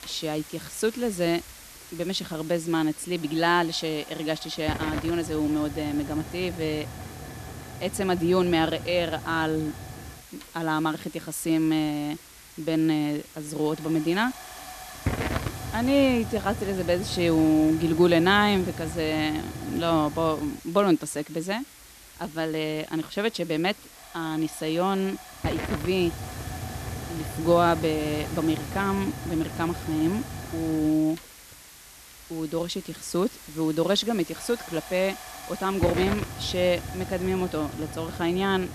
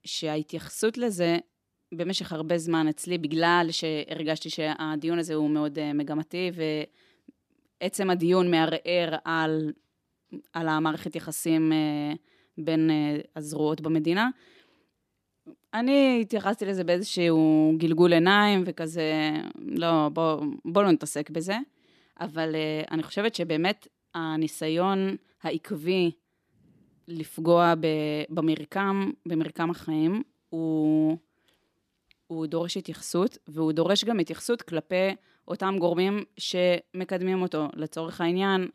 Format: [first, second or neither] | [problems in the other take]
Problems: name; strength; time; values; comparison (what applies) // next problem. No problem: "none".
second | hiss; noticeable; throughout; 10 dB below the speech